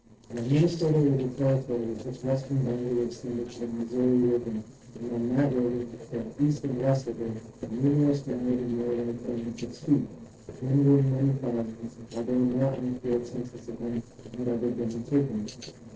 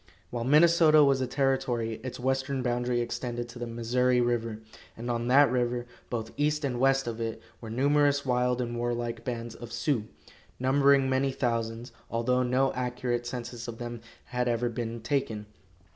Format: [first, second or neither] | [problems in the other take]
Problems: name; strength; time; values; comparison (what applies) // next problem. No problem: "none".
second | noise reduction (neural separator model SepFormer DNS4)